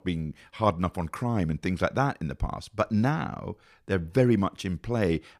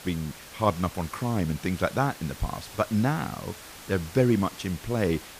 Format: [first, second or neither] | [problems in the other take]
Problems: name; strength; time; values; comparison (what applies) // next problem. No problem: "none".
first | hiss; noticeable; throughout; 15 dB below the speech